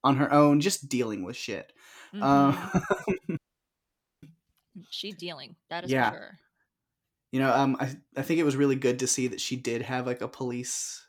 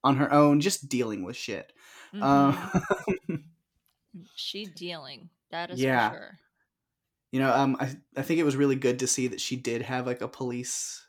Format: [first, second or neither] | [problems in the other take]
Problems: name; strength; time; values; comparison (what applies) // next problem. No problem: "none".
second | audio freezing; at 3.5 s for 1 s